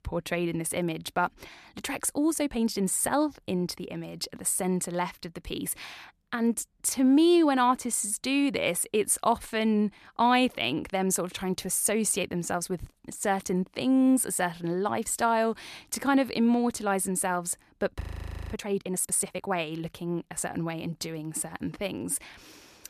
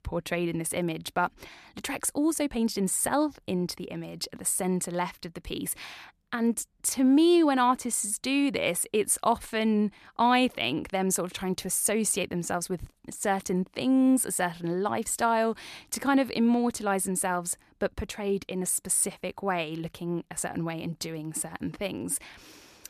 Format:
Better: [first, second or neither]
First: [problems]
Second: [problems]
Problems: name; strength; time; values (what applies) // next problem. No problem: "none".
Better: second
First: audio freezing; at 18 s for 0.5 s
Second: none